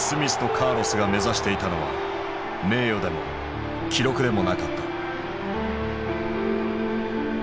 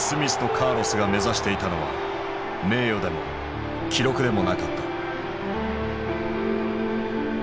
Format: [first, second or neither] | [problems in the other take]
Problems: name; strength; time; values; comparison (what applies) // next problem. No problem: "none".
first | background sound (Brass instrument); 16 dB below the speech